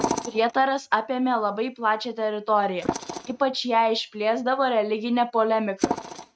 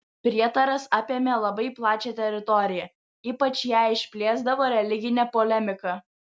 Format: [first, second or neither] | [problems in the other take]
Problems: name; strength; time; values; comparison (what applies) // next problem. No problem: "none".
second | noise reduction (neural mask model RNNoise)